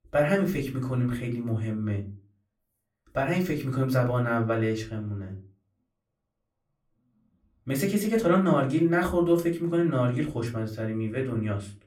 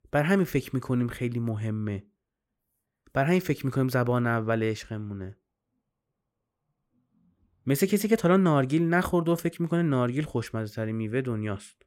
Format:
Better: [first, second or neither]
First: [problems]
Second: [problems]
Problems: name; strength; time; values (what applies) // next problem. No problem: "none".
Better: second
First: off-mic speech; far // room echo; very slight; dies away in 0.3 s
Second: none